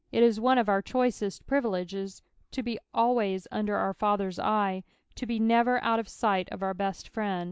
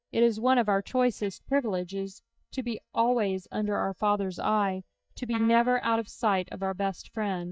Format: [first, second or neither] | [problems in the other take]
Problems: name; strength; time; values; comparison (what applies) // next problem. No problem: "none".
first | noise reduction (neural mask model DeepFilterNet 3)